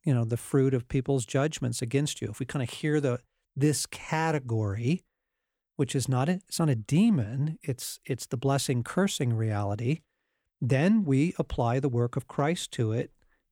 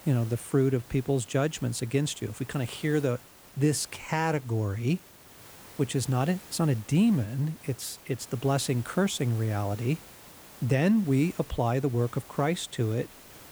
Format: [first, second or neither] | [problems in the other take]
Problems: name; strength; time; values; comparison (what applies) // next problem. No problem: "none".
first | hiss; noticeable; throughout; 20 dB below the speech